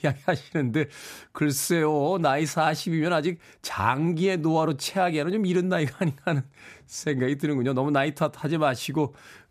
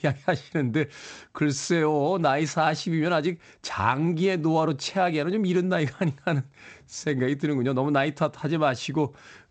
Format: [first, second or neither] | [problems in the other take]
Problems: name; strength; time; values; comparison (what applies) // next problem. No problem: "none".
first | garbled, watery; slightly; nothing above 8 kHz